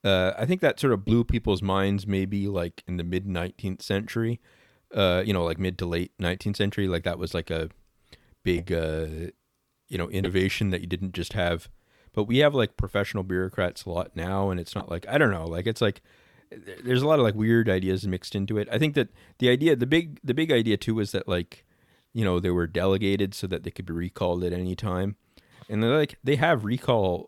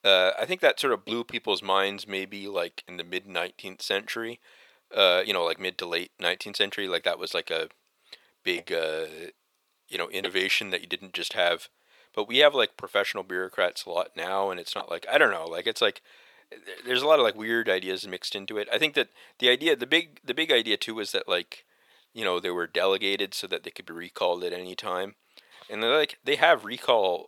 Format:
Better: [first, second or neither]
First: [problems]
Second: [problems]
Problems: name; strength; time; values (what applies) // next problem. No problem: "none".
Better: first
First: none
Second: thin; very; fading below 600 Hz